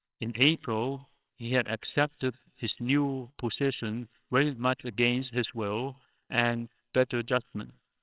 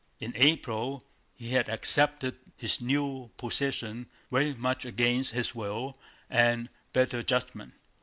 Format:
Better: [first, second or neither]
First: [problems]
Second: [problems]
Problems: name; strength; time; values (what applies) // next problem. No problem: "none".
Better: second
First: noise reduction (neural separator model SepFormer WHAMR!)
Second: none